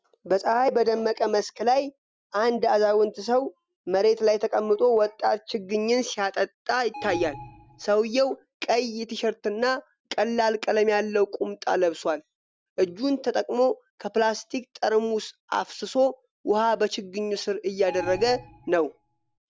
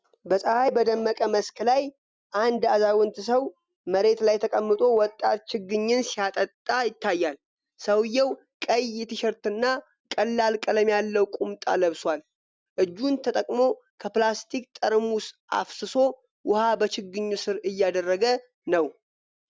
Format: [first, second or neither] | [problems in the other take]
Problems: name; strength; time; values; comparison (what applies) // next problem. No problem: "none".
second | background sound (Alarm); 15 dB below the speech